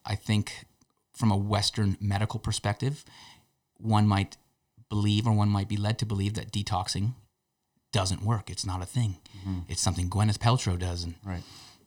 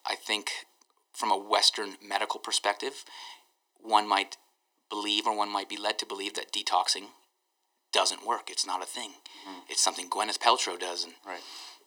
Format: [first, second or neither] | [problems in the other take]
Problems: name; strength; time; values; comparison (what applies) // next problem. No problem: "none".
first | thin; very; fading below 350 Hz